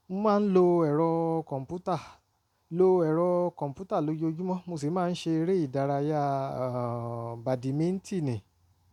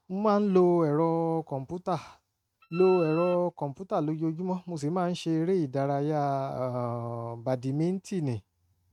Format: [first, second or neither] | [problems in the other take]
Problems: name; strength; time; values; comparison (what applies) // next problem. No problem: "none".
first | noise reduction (neural mask model RNNoise)